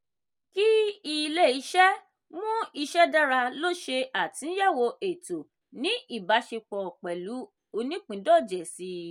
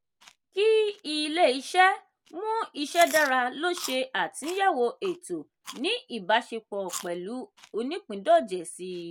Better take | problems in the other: first | background sound (Chewing, mastication); 18 dB below the speech

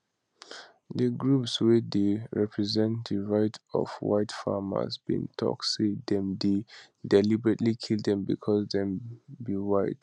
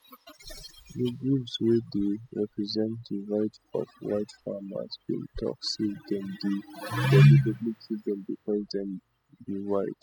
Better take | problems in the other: first | noise reduction (classical method spectral subtraction)

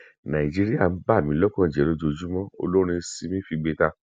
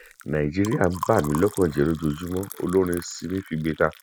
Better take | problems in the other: first | background sound (Liquid); 16 dB below the speech

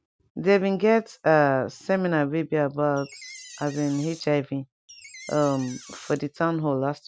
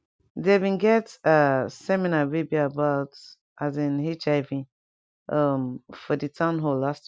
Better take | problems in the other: second | background sound (Door); 20 dB below the speech

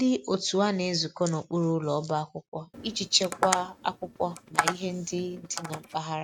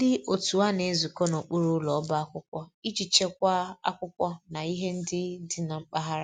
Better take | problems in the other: second | noise reduction (neural mask model RNNoise)

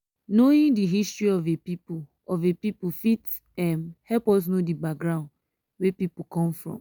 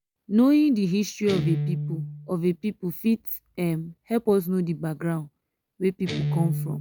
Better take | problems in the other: first | background sound (Guitar); 8 dB below the speech

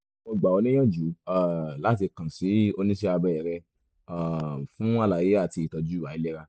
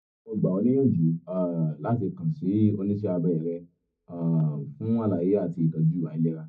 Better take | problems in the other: first | room echo; dies away in 0.4 s

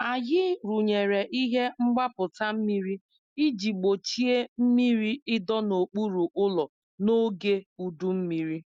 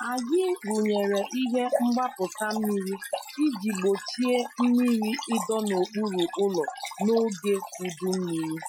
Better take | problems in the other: first | noise reduction (classical method Wiener filter)

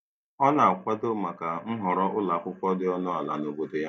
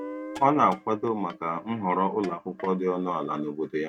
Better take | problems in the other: first | noise reduction (neural mask model RNNoise)

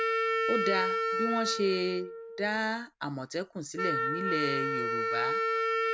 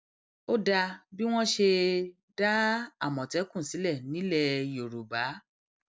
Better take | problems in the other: second | background sound (Wind instrument, woodwind instrument); 2 dB above the speech

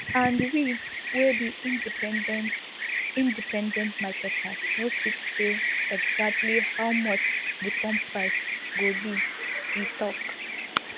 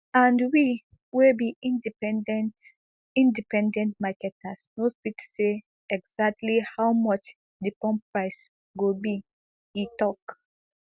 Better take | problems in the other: second | background sound (Bird vocalization, bird call, bird song); 1 dB above the speech

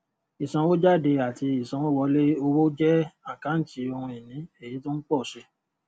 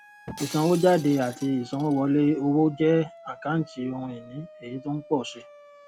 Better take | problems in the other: first | background sound (Siren + Shatter); 19 dB below the speech

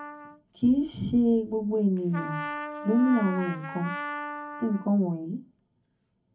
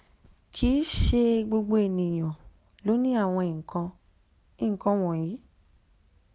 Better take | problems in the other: second | background sound (Trumpet); 11 dB below the speech // room echo; dies away in 0.3 s

